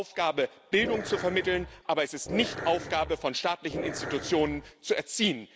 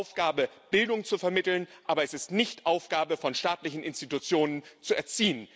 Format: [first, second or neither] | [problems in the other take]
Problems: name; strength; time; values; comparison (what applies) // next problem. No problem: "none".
second | background sound (Growling); 7 dB below the speech